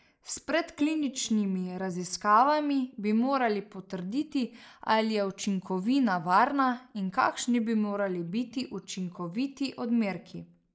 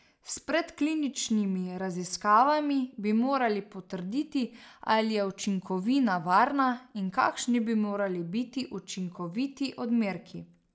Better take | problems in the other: second | noise reduction (neural mask model Resemble Enhance denoiser)

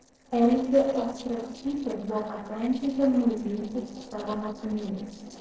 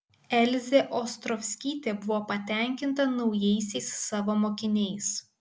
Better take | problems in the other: second | noise reduction (neural separator model SepFormer DNS4)

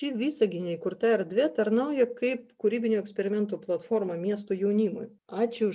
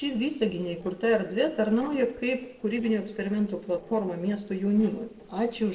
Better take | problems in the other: first | noise reduction (neural separator model SepFormer DNS4)

